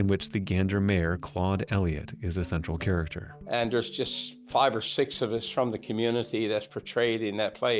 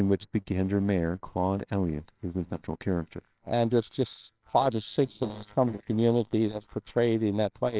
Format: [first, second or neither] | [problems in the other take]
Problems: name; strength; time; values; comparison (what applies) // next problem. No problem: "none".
first | noise reduction (neural separator model SepFormer WHAMR!)